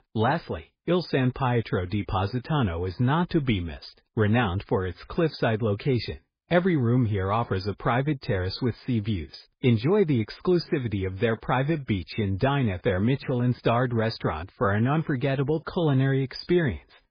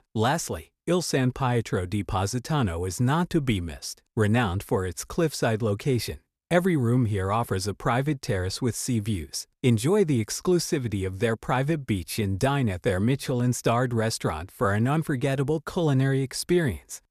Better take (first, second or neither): second